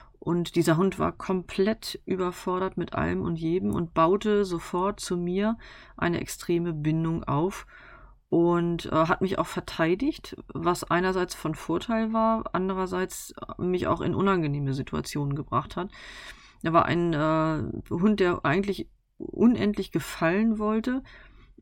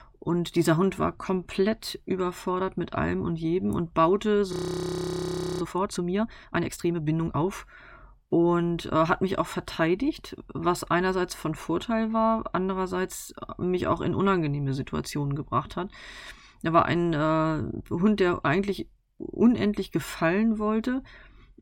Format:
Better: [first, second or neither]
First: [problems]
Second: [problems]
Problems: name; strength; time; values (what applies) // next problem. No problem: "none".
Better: first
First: none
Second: audio freezing; at 4.5 s for 1 s